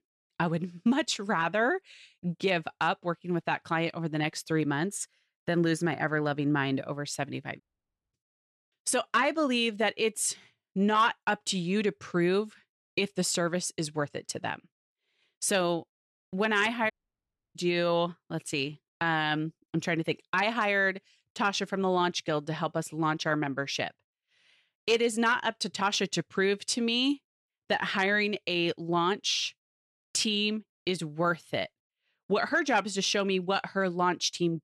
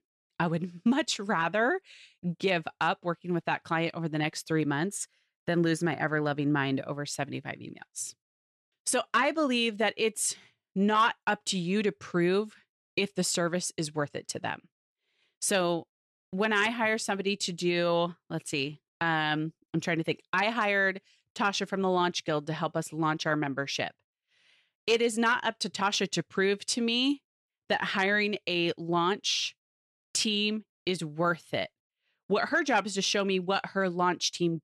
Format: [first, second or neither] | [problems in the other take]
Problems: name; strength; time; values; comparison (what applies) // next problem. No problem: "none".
second | audio cutting out; at 7.5 s for 0.5 s and at 17 s for 0.5 s